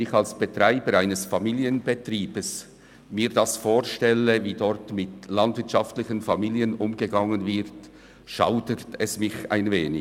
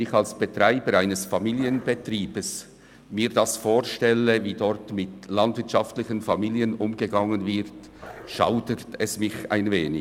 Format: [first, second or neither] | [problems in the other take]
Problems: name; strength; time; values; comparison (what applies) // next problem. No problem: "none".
first | background sound (Growling); 19 dB below the speech